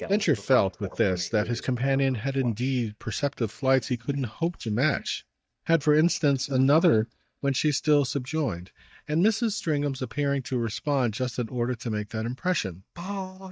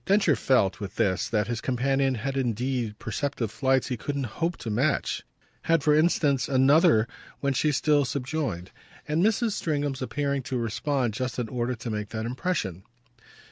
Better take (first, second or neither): second